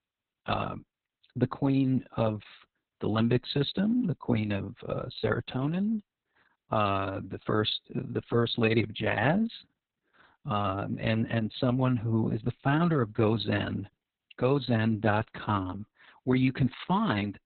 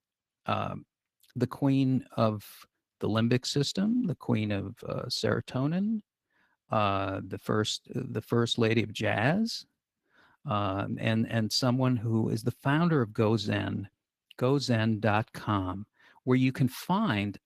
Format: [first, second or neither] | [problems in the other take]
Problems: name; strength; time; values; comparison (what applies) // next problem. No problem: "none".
second | garbled, watery; badly; nothing above 4 kHz; slightly in the second